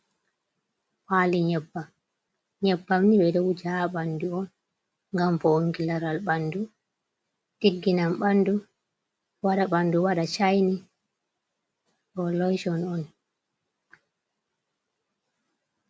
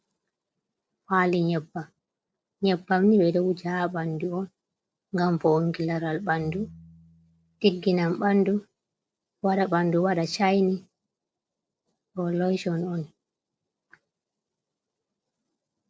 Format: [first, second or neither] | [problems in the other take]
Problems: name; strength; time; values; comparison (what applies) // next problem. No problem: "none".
first | noise reduction (neural separator model SepFormer DNS4)